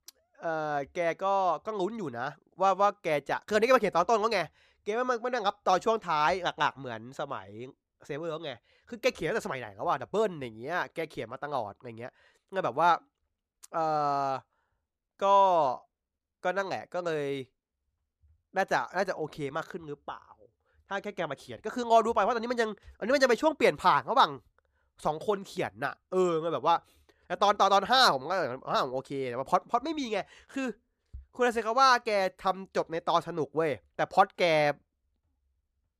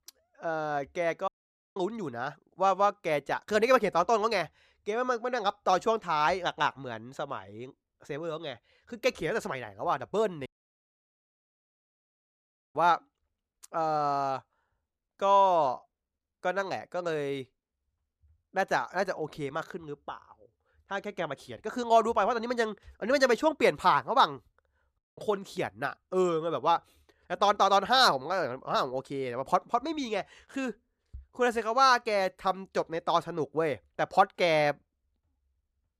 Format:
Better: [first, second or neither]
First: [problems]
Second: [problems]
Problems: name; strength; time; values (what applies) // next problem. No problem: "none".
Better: first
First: none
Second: audio cutting out; at 1.5 s, at 10 s for 2.5 s and at 25 s